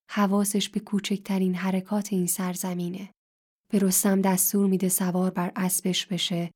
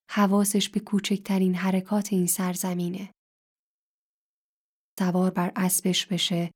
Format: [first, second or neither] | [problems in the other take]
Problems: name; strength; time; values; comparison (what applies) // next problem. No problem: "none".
first | audio freezing; at 3.5 s for 1.5 s